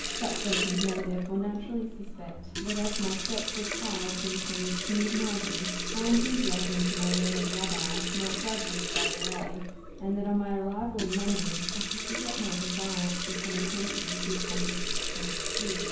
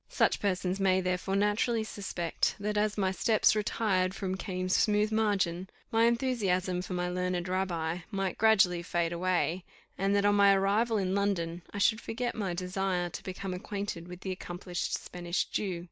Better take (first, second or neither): second